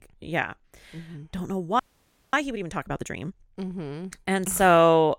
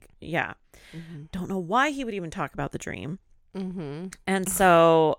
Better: second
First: audio freezing; at 2 s for 0.5 s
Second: none

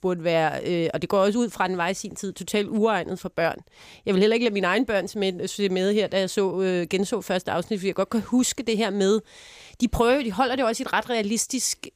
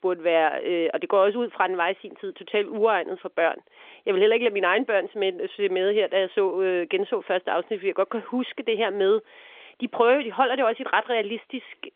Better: first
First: none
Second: phone-call audio; nothing above 3.5 kHz

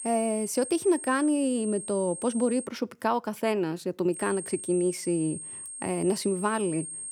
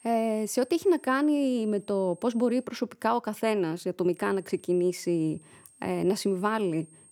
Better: second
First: high-pitched whine; loud; until 2.5 s and from 4 s on; 8.5 kHz, 9 dB below the speech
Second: high-pitched whine; faint; until 2.5 s and from 4 s on; 8.5 kHz, 30 dB below the speech

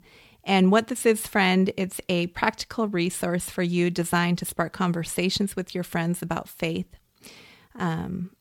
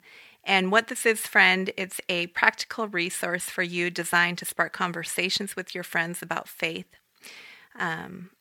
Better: first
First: none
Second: thin; somewhat; fading below 1 kHz

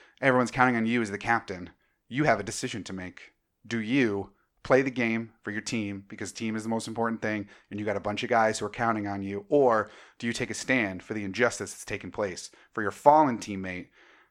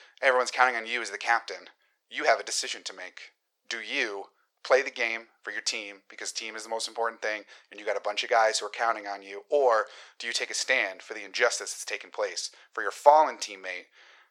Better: first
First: none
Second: thin; very; fading below 500 Hz

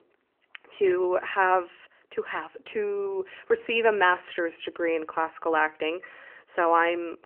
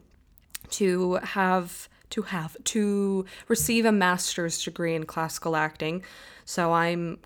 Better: second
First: phone-call audio; nothing above 3 kHz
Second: none

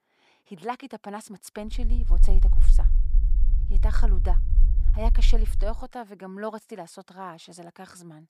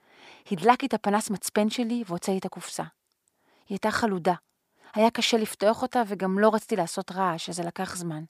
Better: second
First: low rumble; noticeable; from 2 to 5.5 s; 10 dB below the speech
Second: none

